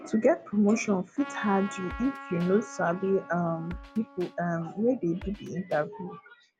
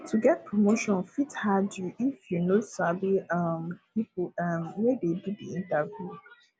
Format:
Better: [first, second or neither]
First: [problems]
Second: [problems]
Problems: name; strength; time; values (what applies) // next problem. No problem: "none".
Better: second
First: background sound (Trumpet + Drum kit); 16 dB below the speech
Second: none